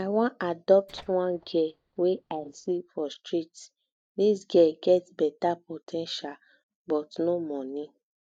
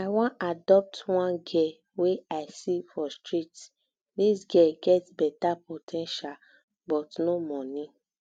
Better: second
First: noise reduction (neural mask model DeepFilterNet 3)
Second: none

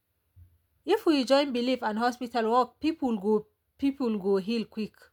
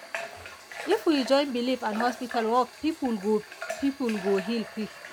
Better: first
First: none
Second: background sound (Water tap, faucet / Water); 11 dB below the speech

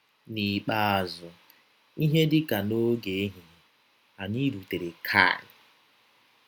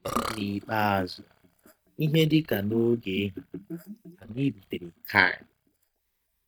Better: first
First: none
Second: noise reduction (neural mask model DeepFilterNet 3)

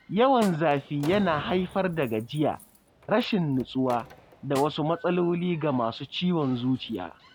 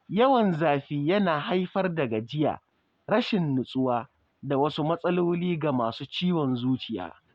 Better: second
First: background sound (Snare drum + Slam); 19 dB below the speech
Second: none

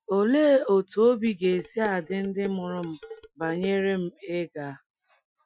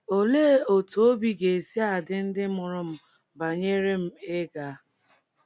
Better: second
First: noise reduction (classical method Wiener filter)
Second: none

